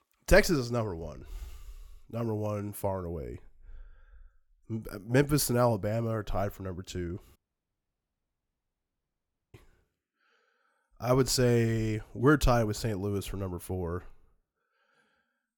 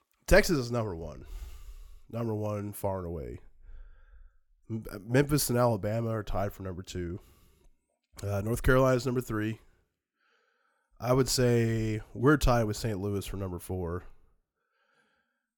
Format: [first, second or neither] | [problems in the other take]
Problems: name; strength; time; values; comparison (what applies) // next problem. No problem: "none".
second | audio cutting out; at 7.5 s for 2 s